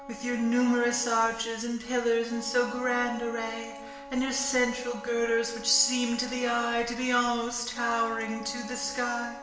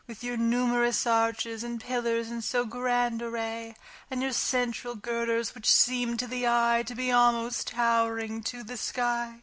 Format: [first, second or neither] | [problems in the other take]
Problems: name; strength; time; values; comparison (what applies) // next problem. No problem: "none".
second | background sound (Wind instrument, woodwind instrument); 16 dB below the speech // room echo; dies away in 0.9 s